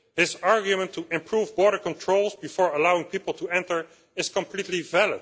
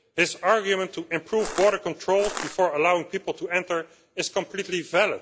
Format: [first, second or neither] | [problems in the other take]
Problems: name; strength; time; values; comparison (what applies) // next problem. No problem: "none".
first | background sound (Crushing); 8 dB below the speech